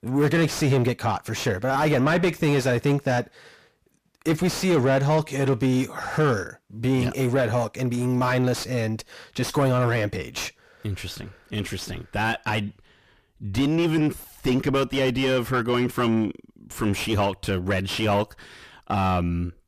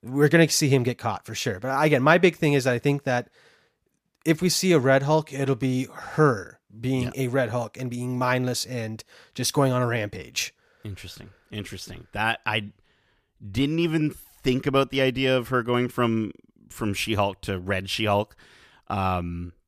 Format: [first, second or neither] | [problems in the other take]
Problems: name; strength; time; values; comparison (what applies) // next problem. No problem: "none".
second | distortion; heavy; 6 dB below the speech